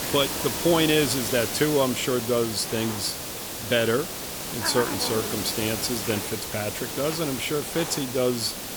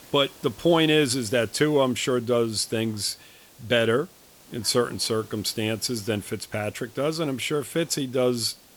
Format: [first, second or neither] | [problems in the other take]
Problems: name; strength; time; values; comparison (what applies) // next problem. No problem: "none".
second | hiss; loud; throughout; 4 dB below the speech; faint in the second